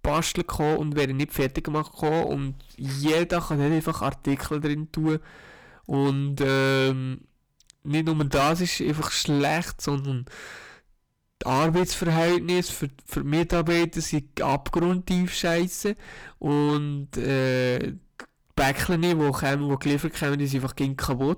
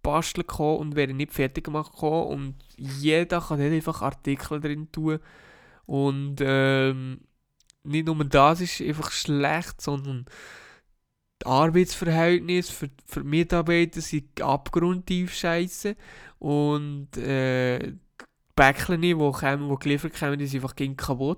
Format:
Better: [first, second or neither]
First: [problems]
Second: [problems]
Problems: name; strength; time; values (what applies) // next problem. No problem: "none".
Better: second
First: distortion; heavy; 11% of the sound clipped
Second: none